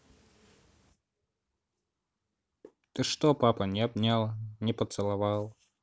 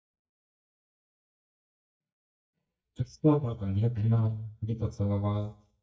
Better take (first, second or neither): first